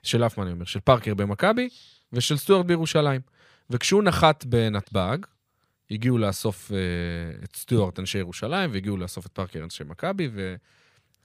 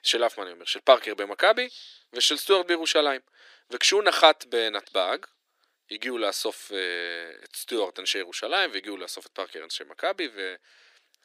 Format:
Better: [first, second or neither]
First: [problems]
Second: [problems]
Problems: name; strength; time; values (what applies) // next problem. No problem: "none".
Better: first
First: none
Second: thin; very; fading below 300 Hz